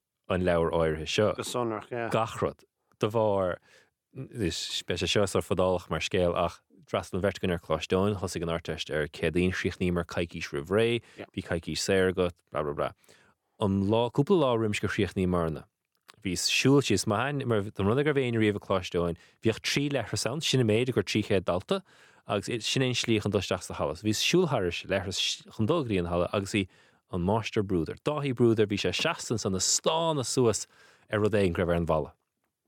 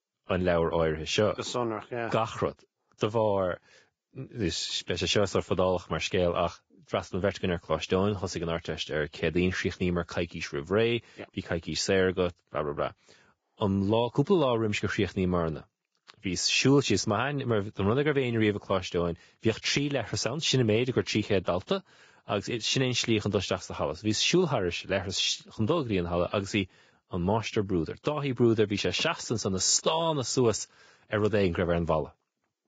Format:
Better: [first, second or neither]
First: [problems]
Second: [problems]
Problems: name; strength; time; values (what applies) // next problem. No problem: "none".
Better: first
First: none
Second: garbled, watery; badly; nothing above 7.5 kHz